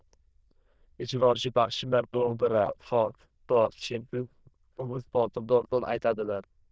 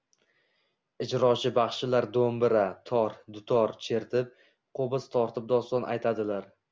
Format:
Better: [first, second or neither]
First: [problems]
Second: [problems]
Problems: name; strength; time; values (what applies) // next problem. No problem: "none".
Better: second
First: noise reduction (neural diffusion model UNIVERSE++)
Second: none